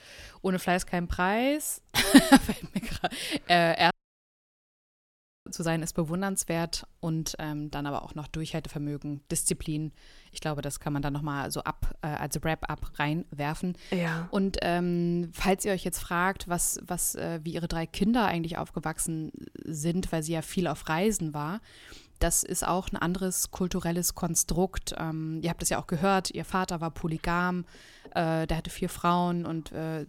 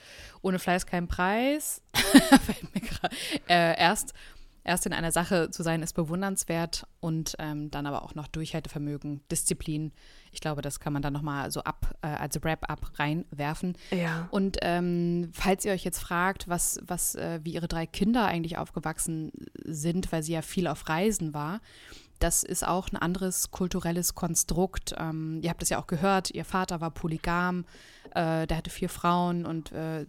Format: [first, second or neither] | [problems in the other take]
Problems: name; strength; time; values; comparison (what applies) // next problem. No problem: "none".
second | audio cutting out; at 4 s for 1.5 s